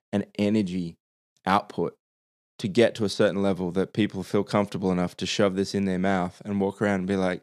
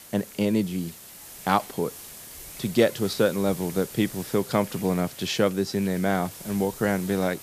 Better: first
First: none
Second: hiss; noticeable; throughout; 15 dB below the speech

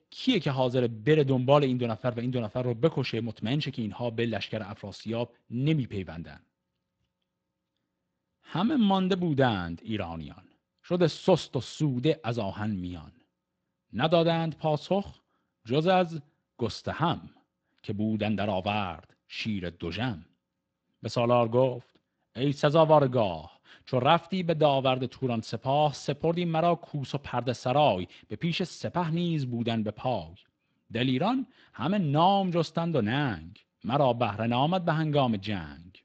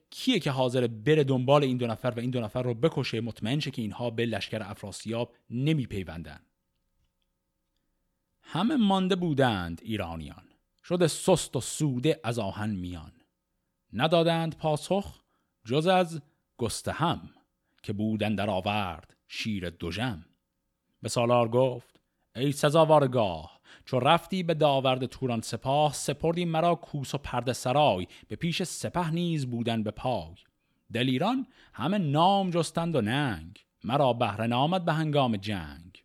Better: second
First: garbled, watery; slightly; nothing above 7.5 kHz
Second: none

